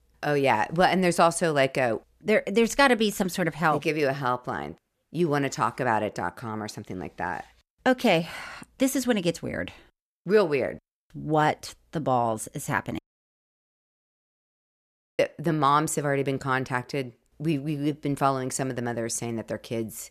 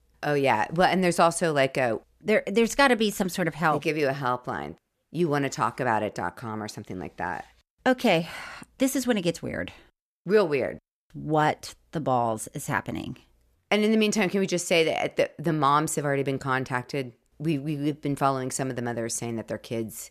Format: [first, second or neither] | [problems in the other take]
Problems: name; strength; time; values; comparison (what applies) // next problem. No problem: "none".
second | audio cutting out; at 13 s for 2 s